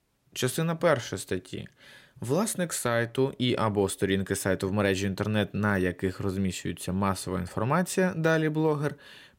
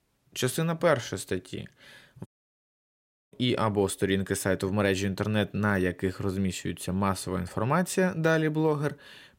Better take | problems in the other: first | audio cutting out; at 2.5 s for 1 s

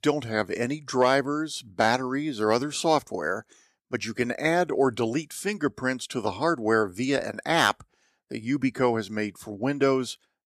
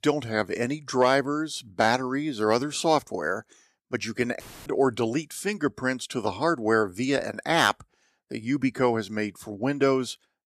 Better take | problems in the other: first | audio cutting out; filled with static; at 4.5 s

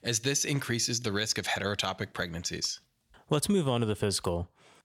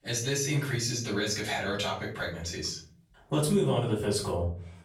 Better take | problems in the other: first | off-mic speech; far // room echo; slight; dies away in 0.4 s

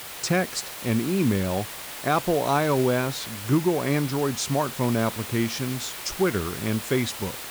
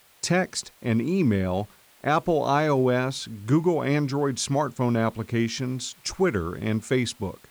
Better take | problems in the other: second | hiss; loud; throughout; 9 dB below the speech; faint in the second

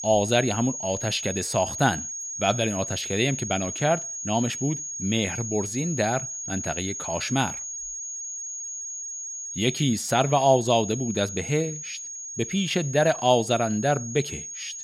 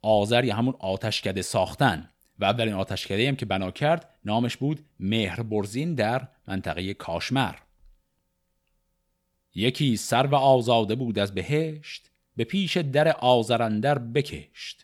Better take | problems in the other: second | high-pitched whine; loud; throughout; 6.5 kHz, 6 dB below the speech

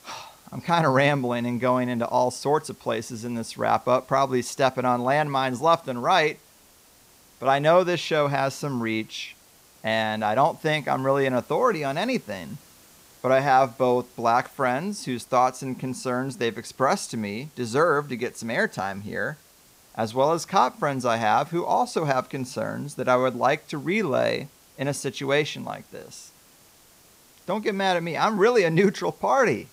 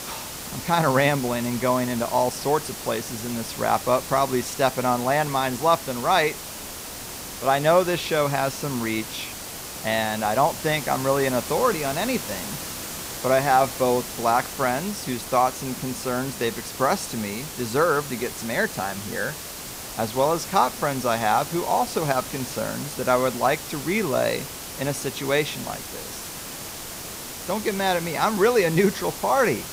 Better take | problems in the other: first | hiss; loud; throughout; 9 dB below the speech; faint in the first

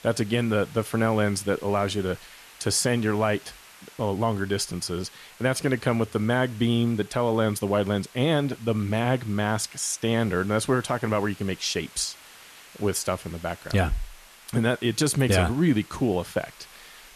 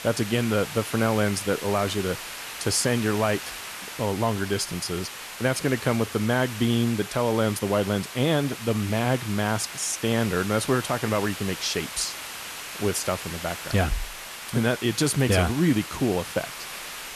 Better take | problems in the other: first | hiss; loud; throughout; 9 dB below the speech; faint in the first

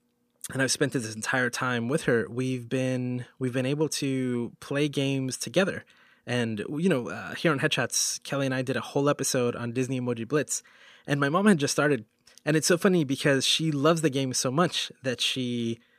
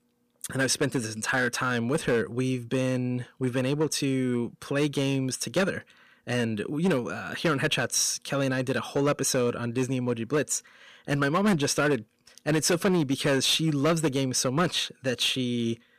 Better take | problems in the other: first | distortion; slight; 5% of the sound clipped

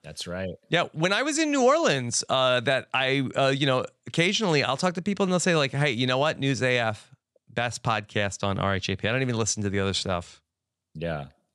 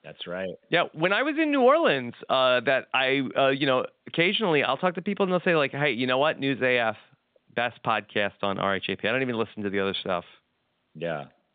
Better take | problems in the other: first | phone-call audio; nothing above 3.5 kHz

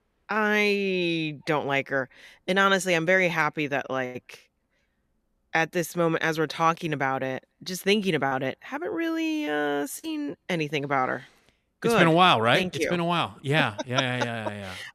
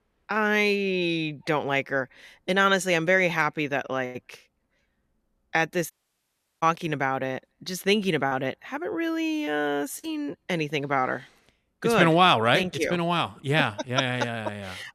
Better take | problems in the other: first | audio cutting out; at 6 s for 0.5 s

